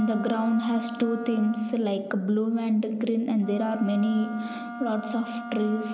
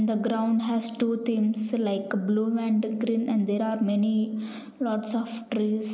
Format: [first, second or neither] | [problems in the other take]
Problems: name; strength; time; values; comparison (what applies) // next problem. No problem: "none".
second | background sound (Wind instrument, woodwind instrument); 12 dB below the speech